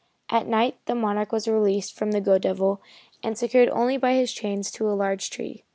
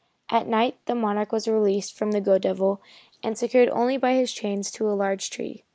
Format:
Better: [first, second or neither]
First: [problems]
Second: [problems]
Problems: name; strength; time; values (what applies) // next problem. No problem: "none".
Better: first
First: none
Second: noise reduction (neural mask model Resemble Enhance denoiser)